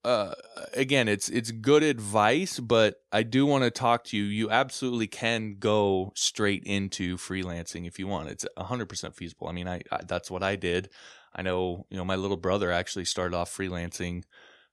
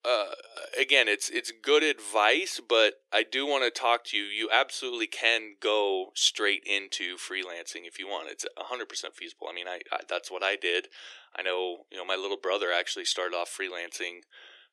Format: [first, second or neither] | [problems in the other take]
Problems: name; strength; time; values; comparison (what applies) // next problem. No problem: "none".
first | thin; very; fading below 350 Hz